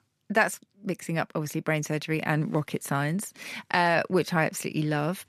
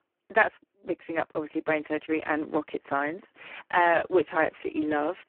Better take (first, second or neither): first